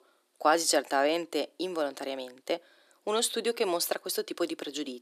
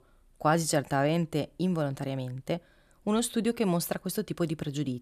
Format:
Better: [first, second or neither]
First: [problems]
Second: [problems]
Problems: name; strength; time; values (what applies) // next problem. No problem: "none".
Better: second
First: thin; somewhat; fading below 300 Hz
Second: none